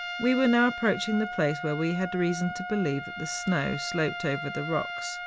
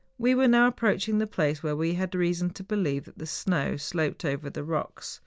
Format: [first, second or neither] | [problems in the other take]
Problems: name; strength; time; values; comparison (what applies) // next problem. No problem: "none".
second | background sound (Trumpet); 8 dB below the speech